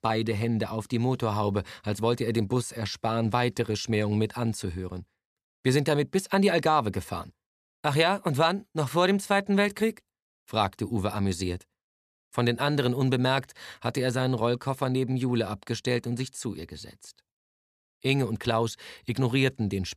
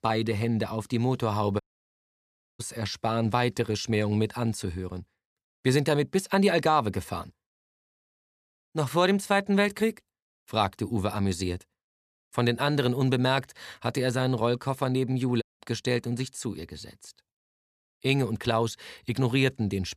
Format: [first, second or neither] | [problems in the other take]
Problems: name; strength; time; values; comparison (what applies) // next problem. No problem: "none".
first | audio cutting out; at 1.5 s for 1 s, at 7.5 s for 1 s and at 15 s